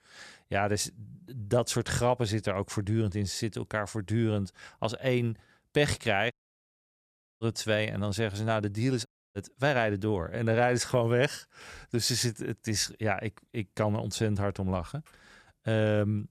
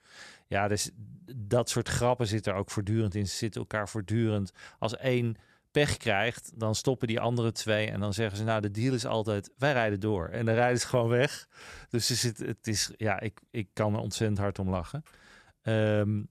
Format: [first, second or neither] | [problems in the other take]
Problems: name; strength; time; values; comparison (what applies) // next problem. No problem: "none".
second | audio cutting out; at 6.5 s for 1 s and at 9 s